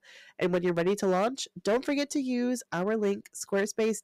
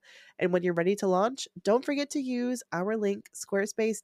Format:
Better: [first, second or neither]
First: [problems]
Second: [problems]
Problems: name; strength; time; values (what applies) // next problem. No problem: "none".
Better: second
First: distortion; slight; 6% of the sound clipped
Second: none